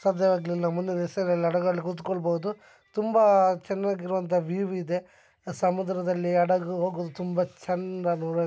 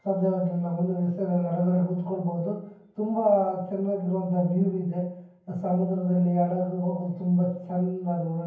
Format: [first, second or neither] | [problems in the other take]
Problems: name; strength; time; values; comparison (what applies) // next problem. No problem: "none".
first | room echo; dies away in 0.9 s